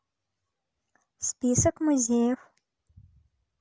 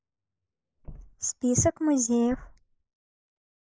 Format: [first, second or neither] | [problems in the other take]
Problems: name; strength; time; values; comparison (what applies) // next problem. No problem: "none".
first | noise reduction (neural mask model Resemble Enhance denoiser)